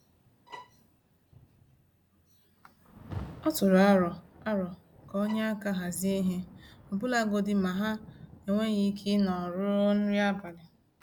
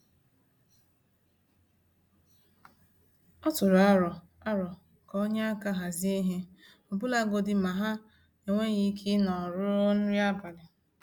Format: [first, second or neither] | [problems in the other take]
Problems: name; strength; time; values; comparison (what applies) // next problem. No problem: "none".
second | background sound (Bowed string instrument + Rain); 20 dB below the speech